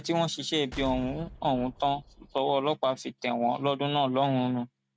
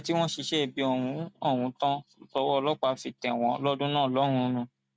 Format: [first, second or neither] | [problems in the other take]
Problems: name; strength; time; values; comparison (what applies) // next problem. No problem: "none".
second | background sound (Explosion); 16 dB below the speech